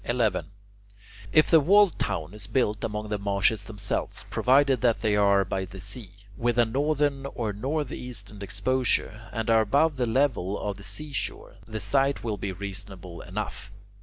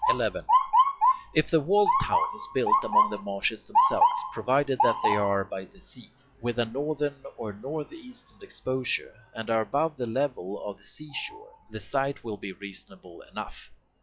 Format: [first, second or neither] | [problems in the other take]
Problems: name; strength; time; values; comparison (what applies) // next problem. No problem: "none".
first | noise reduction (classical method log-MMSE)